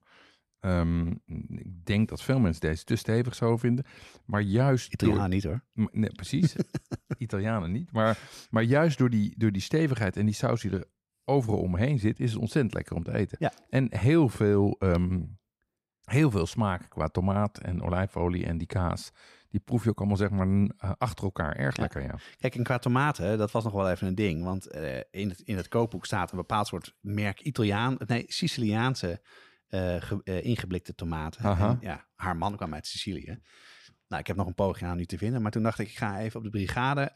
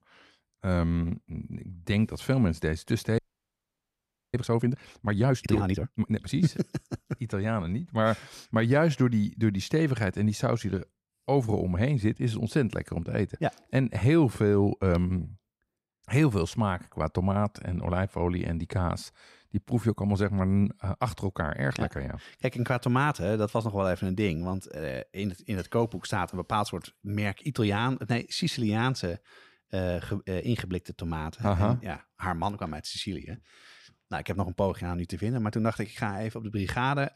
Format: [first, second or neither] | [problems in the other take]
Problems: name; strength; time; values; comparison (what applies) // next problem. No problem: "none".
first | audio freezing; at 3 s for 1 s